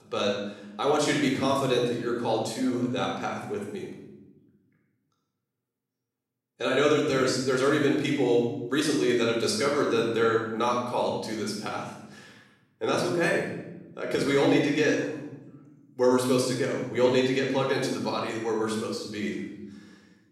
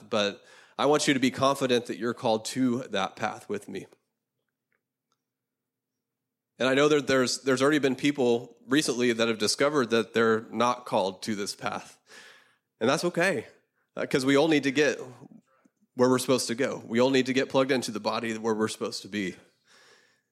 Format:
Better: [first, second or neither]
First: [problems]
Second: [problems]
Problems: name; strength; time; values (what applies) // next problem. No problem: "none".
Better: second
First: off-mic speech; somewhat distant // room echo; noticeable; dies away in 1 s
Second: none